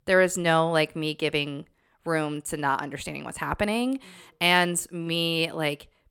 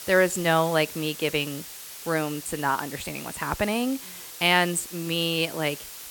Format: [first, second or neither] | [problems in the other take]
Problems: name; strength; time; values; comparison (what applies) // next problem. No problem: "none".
first | hiss; noticeable; throughout; 10 dB below the speech